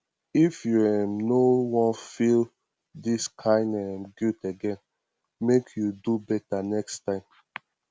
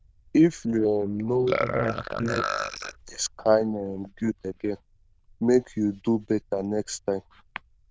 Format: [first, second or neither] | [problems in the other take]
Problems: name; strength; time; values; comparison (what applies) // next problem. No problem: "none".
first | noise reduction (neural diffusion model UNIVERSE++)